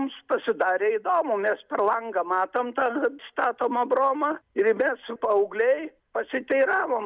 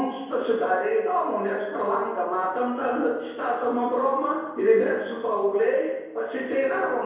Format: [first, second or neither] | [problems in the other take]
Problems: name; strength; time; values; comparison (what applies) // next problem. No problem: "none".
first | room echo; dies away in 1 s